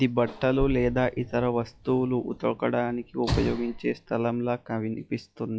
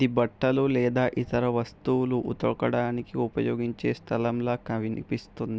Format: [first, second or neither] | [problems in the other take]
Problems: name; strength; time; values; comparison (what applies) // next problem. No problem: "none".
second | noise reduction (classical method log-MMSE)